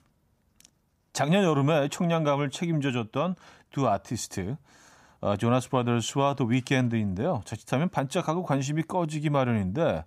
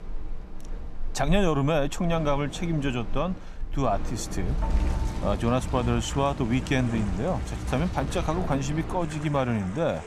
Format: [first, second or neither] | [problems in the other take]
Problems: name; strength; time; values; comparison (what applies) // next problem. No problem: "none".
first | wind in the background; loud; throughout; 7 dB below the speech